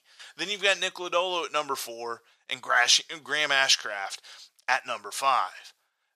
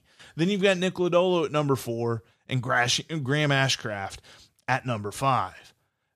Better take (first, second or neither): second